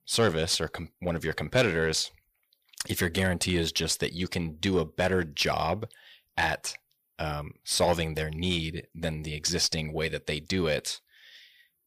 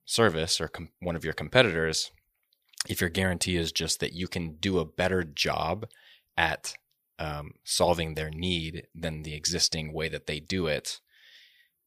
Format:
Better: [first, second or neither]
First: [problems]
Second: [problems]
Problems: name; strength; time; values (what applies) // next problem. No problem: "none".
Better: second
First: distortion; slight; 10 dB below the speech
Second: none